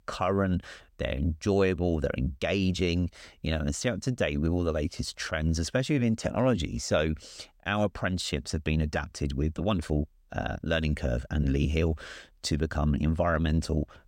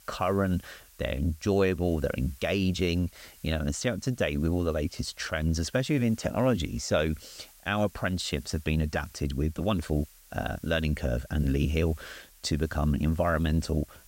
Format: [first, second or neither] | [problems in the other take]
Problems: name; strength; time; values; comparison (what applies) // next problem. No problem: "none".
first | hiss; faint; throughout; 25 dB below the speech